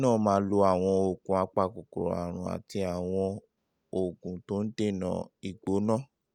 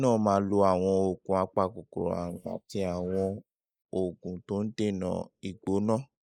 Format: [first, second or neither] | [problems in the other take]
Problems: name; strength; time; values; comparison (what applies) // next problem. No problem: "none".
first | noise reduction (neural mask model Resemble Enhance denoiser)